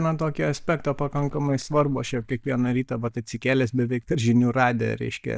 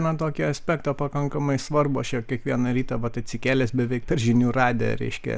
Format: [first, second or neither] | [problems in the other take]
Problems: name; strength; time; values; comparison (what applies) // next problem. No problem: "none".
second | noise reduction (neural mask model DeepFilterNet 3)